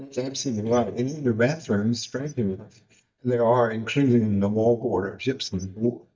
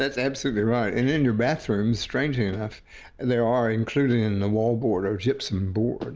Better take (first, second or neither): second